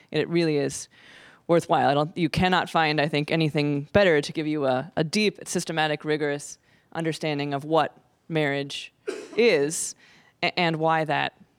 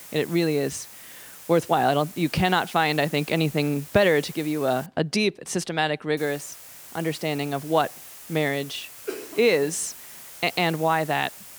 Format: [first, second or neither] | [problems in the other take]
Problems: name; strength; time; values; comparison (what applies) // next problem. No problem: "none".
first | hiss; noticeable; until 5 s and from 6 s on; 15 dB below the speech